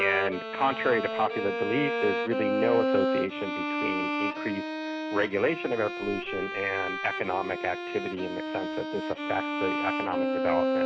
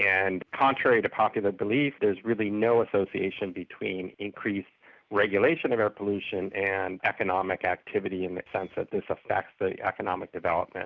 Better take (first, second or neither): second